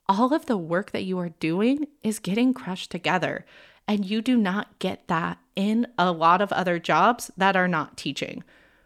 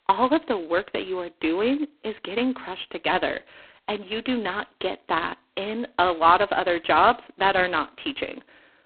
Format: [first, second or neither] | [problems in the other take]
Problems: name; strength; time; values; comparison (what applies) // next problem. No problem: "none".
first | phone-call audio; poor line; nothing above 4 kHz